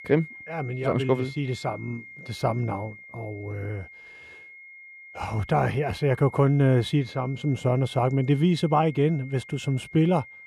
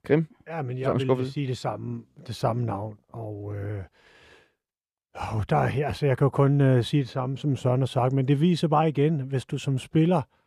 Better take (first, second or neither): second